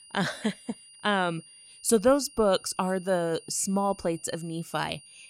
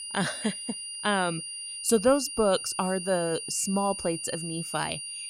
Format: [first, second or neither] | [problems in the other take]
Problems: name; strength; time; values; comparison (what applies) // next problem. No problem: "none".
first | high-pitched whine; loud; throughout; 9.5 kHz, 7 dB below the speech; faint in the first